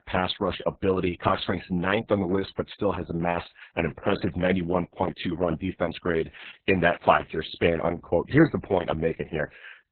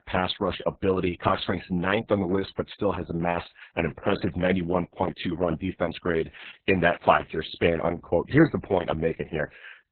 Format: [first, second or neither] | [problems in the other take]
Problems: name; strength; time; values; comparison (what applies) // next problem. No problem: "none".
neither | garbled, watery; badly; nothing above 4 kHz; the same in both